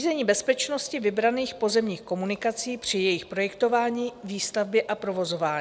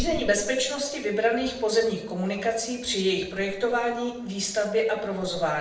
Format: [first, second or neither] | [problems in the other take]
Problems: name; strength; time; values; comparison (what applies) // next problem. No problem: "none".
first | background sound (Thump, thud); 16 dB below the speech // room echo; dies away in 0.6 s